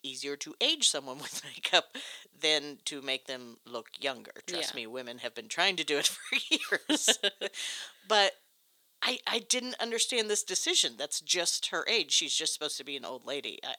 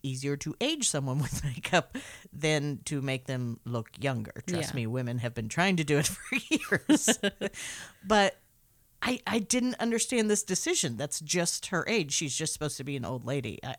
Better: second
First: thin; somewhat; fading below 350 Hz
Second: none

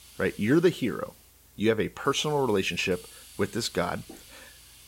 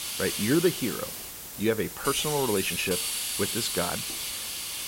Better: first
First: hiss; faint; throughout; 20 dB below the speech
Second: hiss; loud; throughout; 2 dB below the speech

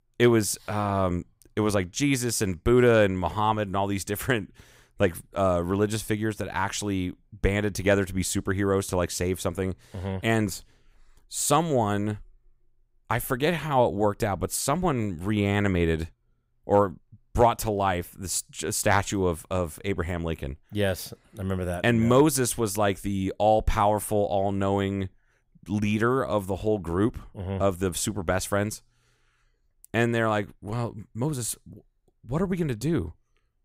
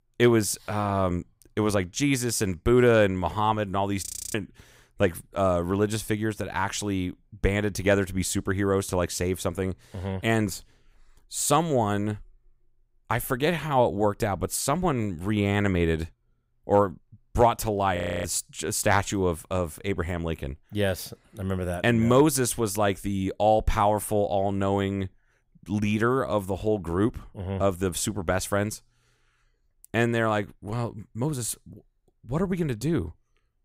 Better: first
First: none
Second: audio freezing; at 4 s and at 18 s

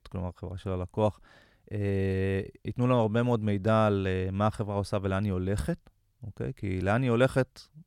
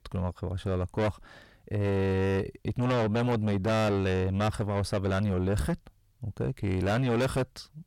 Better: first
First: none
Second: distortion; heavy; 6 dB below the speech

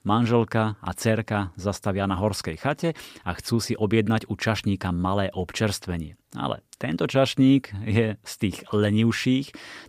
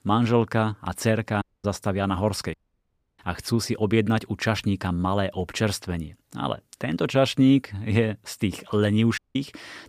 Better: first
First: none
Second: audio cutting out; at 1.5 s, at 2.5 s for 0.5 s and at 9 s

